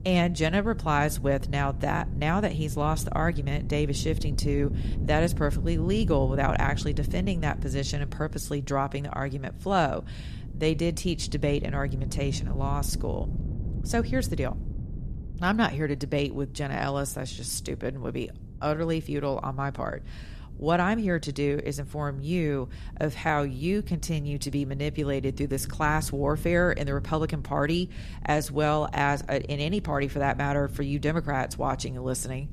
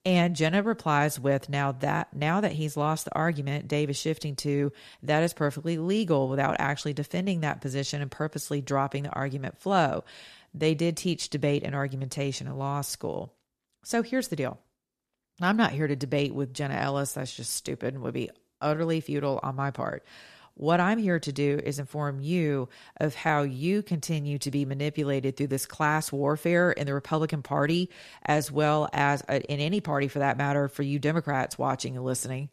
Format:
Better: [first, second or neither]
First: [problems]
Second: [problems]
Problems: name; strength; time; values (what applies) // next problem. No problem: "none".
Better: second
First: wind noise on the microphone; occasional gusts; 20 dB below the speech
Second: none